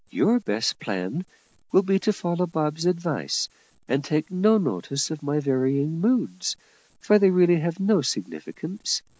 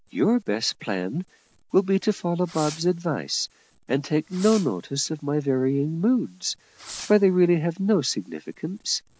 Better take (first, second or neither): first